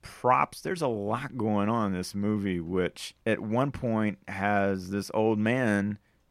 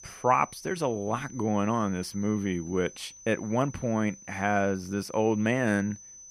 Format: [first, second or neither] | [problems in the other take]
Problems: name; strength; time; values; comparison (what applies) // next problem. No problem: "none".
first | high-pitched whine; noticeable; throughout; 6 kHz, 20 dB below the speech